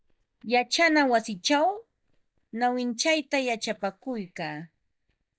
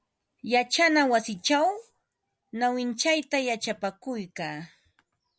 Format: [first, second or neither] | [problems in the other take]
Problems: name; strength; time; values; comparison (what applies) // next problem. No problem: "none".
second | noise reduction (neural mask model DeepFilterNet 3)